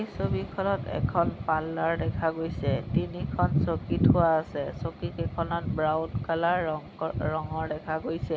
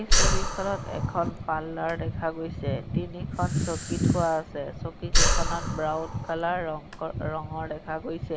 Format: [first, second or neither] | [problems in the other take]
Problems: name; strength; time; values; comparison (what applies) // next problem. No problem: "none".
first | background sound (Breathing); 1 dB above the speech